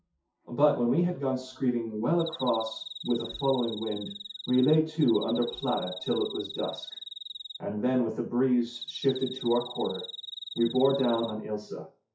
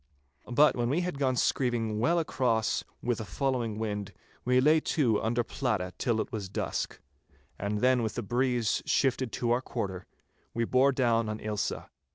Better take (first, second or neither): second